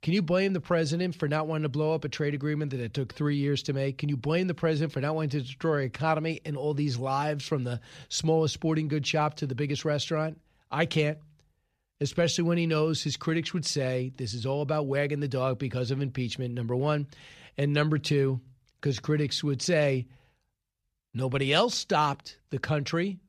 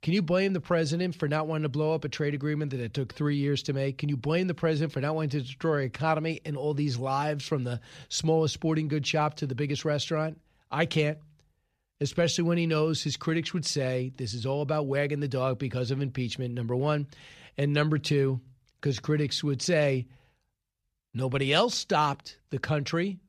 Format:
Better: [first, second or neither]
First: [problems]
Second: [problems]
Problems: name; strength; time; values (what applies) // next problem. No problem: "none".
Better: neither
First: none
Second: none